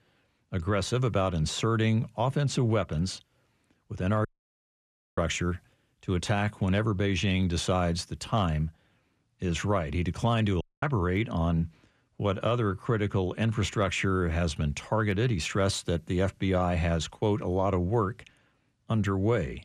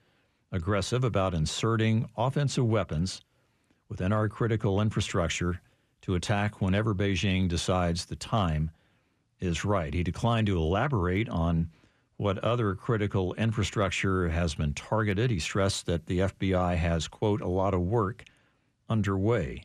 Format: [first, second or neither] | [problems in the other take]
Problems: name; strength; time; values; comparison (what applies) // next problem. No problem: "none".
second | audio cutting out; at 4.5 s for 1 s and at 11 s